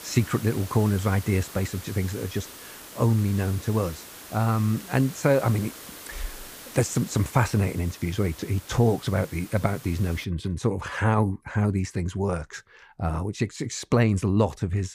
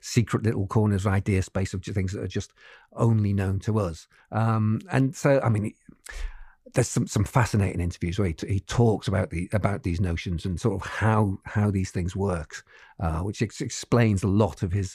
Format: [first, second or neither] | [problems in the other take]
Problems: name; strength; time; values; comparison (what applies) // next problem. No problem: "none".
second | hiss; noticeable; until 10 s; 15 dB below the speech